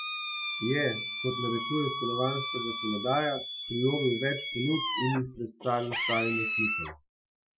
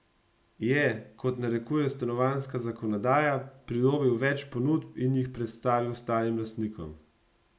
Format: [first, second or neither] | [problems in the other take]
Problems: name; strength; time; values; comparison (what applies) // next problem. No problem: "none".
second | noise reduction (classical method Wiener filter)